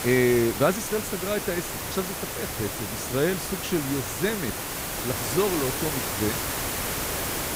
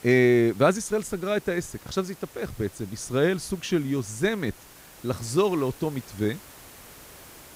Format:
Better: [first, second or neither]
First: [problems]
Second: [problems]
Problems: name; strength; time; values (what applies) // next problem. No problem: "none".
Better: second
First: hiss; loud; throughout; 2 dB below the speech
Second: hiss; faint; throughout; 20 dB below the speech